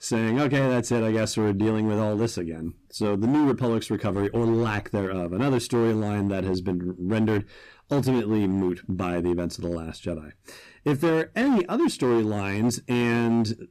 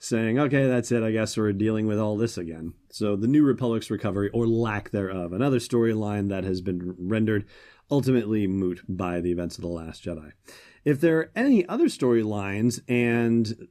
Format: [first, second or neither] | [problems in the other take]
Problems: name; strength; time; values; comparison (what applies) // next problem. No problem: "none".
second | distortion; slight; 12% of the sound clipped